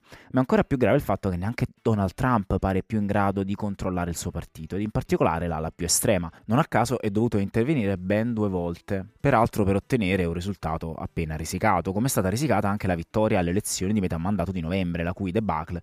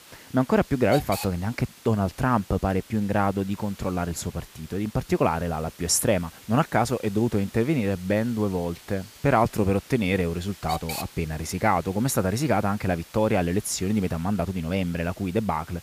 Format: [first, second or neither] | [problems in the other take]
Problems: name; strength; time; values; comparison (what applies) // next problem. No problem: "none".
first | hiss; noticeable; throughout; 15 dB below the speech